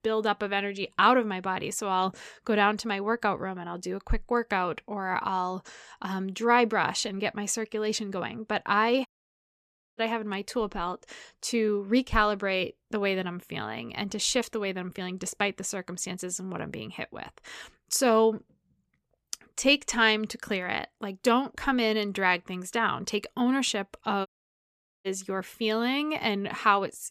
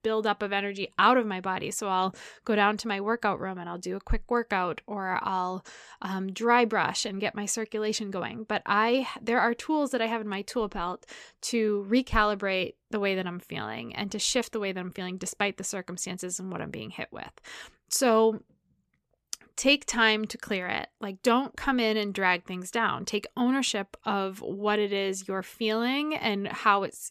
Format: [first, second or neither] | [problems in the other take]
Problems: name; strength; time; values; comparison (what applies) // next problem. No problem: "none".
second | audio cutting out; at 9 s for 1 s and at 24 s for 1 s